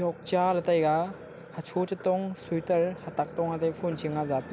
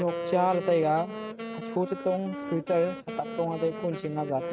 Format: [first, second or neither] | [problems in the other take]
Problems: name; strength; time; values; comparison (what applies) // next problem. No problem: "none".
first | noise reduction (neural mask model RNNoise)